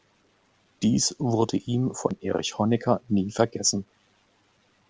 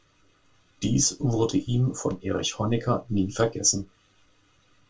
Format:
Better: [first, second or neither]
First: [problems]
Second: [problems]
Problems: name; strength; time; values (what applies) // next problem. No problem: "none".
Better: first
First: none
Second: room echo; dies away in 0.2 s